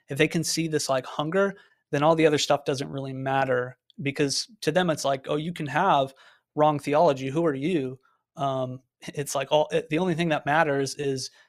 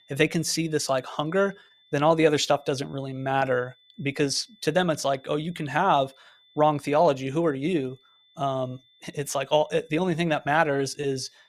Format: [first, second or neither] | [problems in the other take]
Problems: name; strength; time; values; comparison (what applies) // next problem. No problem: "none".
first | high-pitched whine; faint; throughout; 3.5 kHz, 30 dB below the speech